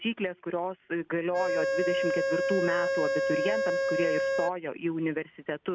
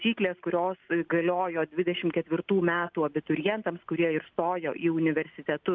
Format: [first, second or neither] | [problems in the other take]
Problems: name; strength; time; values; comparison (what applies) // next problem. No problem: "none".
second | background sound (Organ); 4 dB above the speech